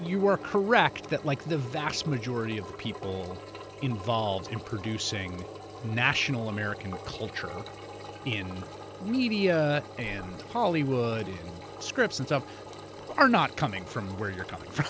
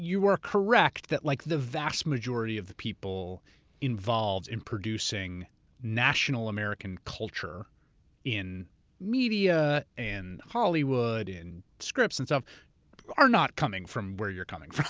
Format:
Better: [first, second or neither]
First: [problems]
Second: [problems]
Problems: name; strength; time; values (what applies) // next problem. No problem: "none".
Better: second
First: background sound (Engine); 13 dB below the speech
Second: none